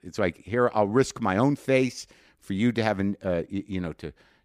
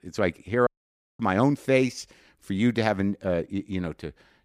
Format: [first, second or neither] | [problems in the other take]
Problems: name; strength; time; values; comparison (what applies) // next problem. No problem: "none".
first | audio cutting out; at 0.5 s for 0.5 s